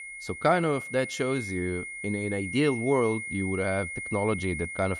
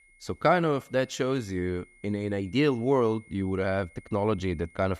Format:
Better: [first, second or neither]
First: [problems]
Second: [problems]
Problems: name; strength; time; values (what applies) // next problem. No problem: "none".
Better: second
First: high-pitched whine; loud; throughout; 2 kHz, 7 dB below the speech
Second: high-pitched whine; faint; throughout; 2 kHz, 25 dB below the speech